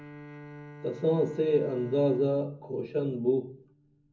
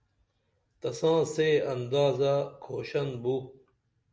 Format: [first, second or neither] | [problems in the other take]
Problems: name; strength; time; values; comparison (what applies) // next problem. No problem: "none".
second | background sound (Bowed string instrument); 18 dB below the speech // room echo; dies away in 0.4 s